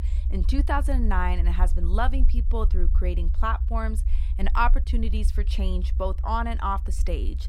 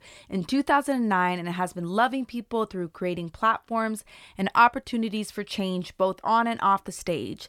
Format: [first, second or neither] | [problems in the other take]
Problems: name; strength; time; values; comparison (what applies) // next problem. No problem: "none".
second | low rumble; noticeable; throughout; 20 dB below the speech